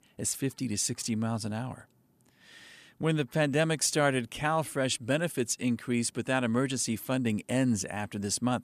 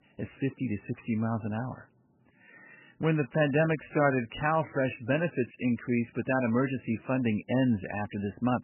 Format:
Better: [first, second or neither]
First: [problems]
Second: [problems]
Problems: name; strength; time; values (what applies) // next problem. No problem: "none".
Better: first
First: none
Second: garbled, watery; badly; nothing above 3 kHz